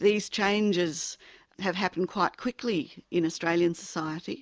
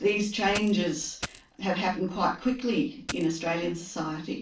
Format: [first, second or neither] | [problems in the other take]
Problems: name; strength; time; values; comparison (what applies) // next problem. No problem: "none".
first | background sound (Coin (dropping)); 11 dB below the speech // room echo; dies away in 0.3 s